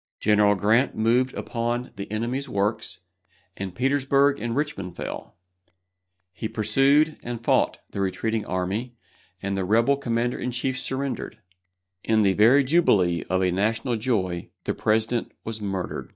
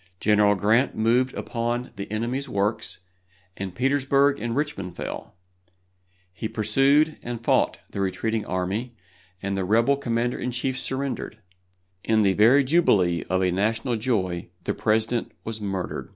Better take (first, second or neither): second